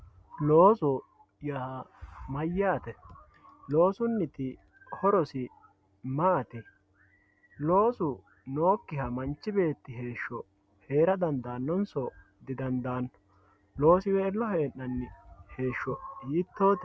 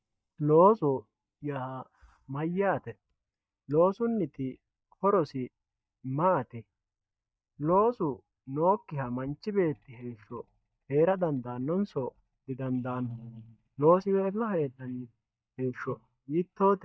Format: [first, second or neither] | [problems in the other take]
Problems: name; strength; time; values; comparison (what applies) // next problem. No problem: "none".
first | noise reduction (neural mask model DeepFilterNet 3)